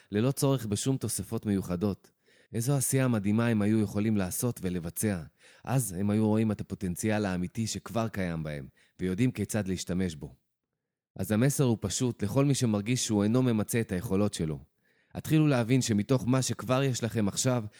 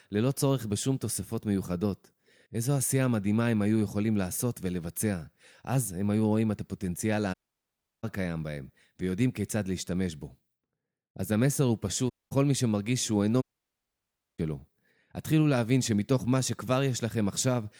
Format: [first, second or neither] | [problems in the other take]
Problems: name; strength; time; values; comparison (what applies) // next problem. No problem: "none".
first | audio cutting out; at 7.5 s for 0.5 s, at 12 s and at 13 s for 1 s